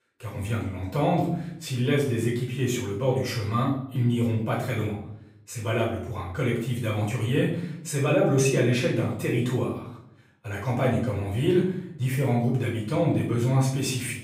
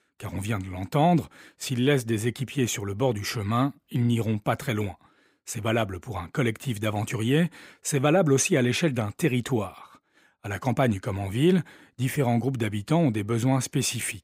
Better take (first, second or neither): second